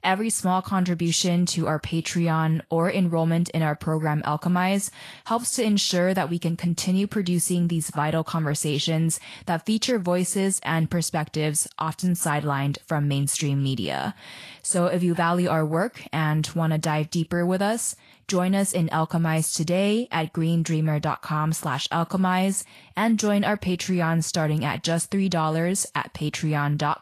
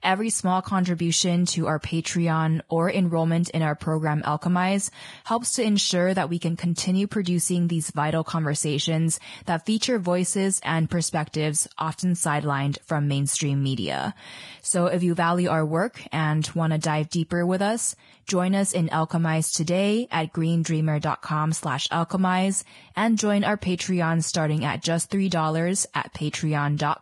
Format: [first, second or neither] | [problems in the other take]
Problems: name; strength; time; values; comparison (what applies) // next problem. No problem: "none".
first | garbled, watery; badly; nothing above 10.5 kHz; slightly in the first